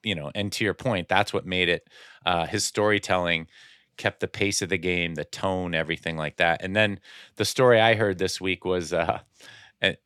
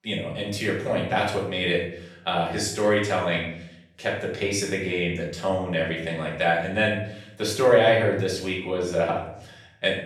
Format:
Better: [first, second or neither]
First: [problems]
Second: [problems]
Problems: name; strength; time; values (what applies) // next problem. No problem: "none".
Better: first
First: none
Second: room echo; noticeable; dies away in 0.7 s // off-mic speech; far